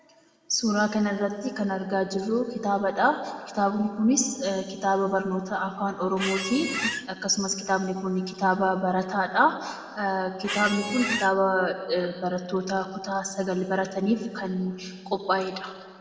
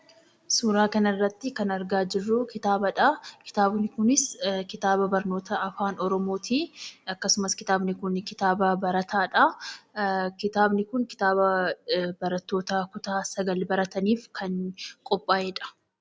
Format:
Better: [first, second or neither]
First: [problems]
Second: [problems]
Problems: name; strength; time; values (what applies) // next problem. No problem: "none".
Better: second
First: background sound (Squeak); 4 dB below the speech // room echo; dies away in 1.7 s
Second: none